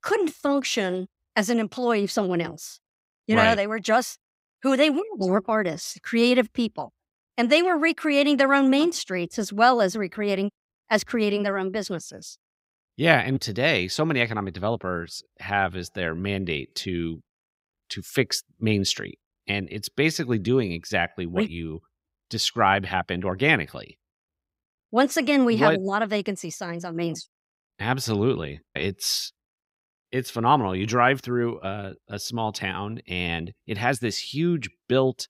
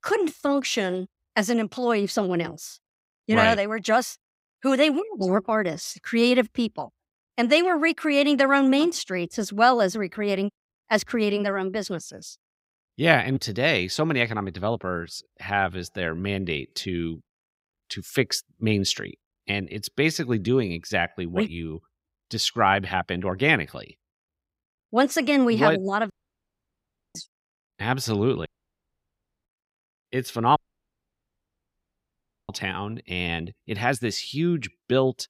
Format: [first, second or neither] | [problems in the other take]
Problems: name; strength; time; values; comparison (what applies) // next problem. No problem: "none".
first | audio cutting out; at 26 s for 1 s, at 28 s for 1 s and at 31 s for 2 s